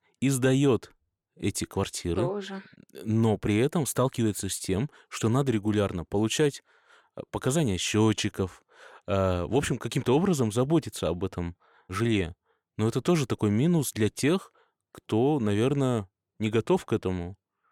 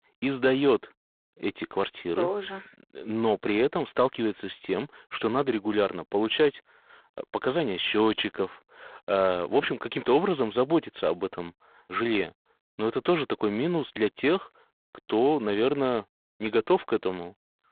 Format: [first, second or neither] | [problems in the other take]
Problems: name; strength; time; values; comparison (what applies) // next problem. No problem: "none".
first | phone-call audio; poor line